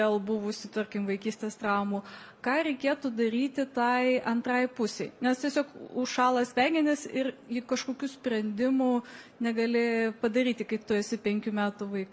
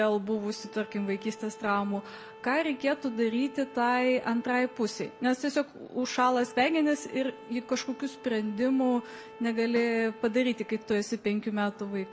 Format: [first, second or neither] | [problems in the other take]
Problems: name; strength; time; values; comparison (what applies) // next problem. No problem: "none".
first | background sound (Bowed string instrument + Snare drum); 19 dB below the speech